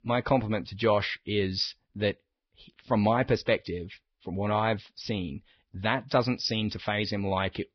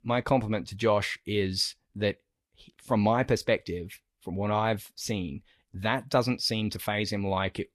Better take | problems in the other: second | garbled, watery; badly; nothing above 5.5 kHz; slightly in the second

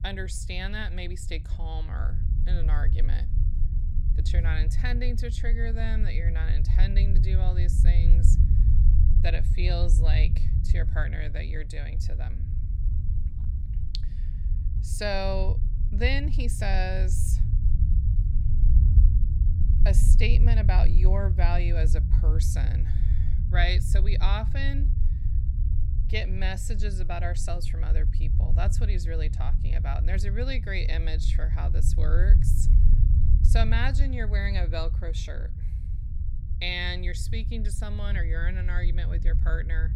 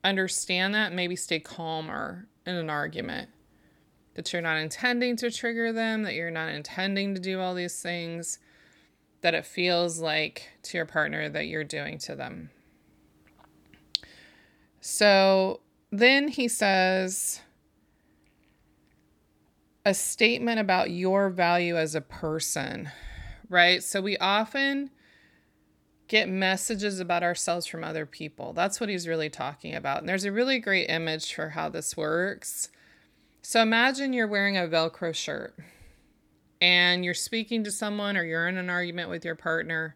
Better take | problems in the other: second | low rumble; loud; throughout; 9 dB below the speech

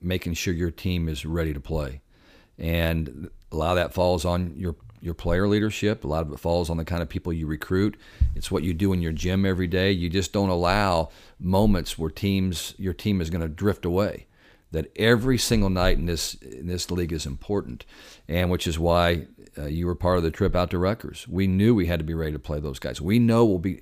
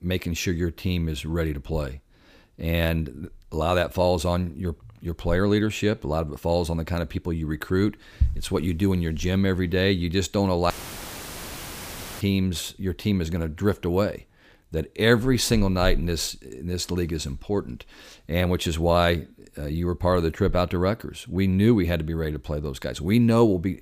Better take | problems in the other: first | audio cutting out; filled with static; at 11 s for 1.5 s

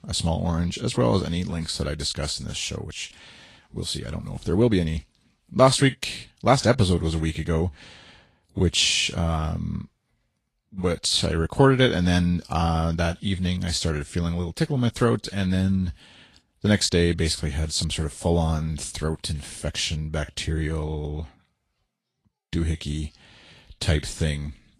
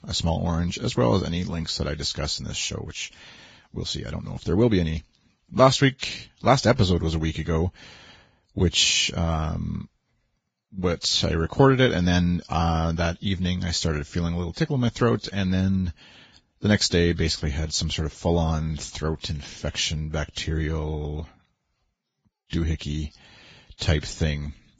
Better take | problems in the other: first | garbled, watery; badly; nothing above 7.5 kHz; slightly in the first

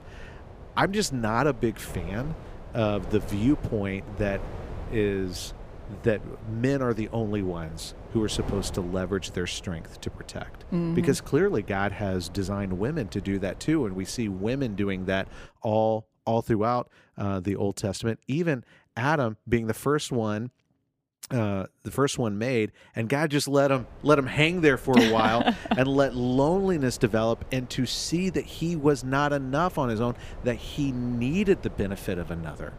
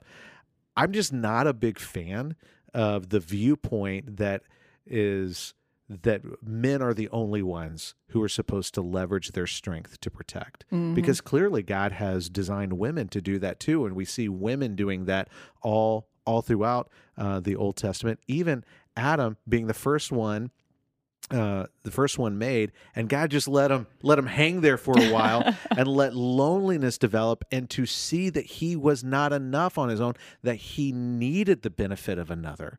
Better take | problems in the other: second | wind noise on the microphone; occasional gusts; until 15 s and from 24 s on; 20 dB below the speech

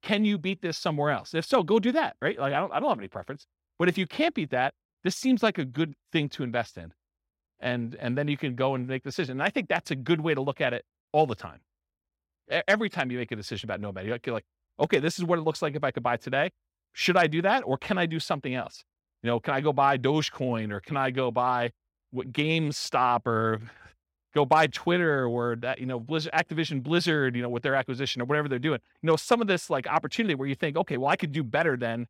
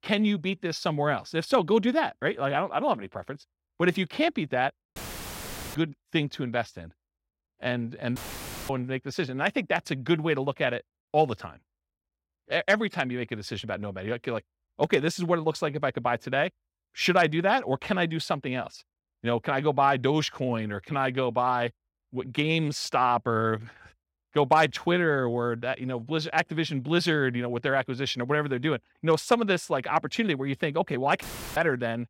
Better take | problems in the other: first | audio cutting out; filled with static; at 5 s for 1 s, at 8 s for 0.5 s and at 31 s

